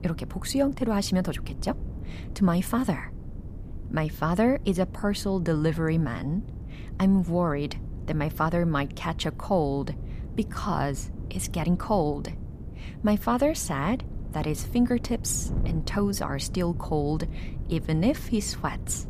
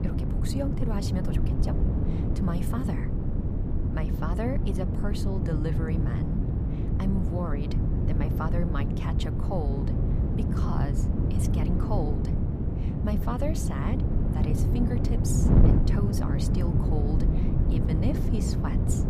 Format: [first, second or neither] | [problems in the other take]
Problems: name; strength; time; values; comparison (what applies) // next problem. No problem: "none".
first | wind noise on the microphone; heavy; 1 dB above the speech; occasional gusts in the first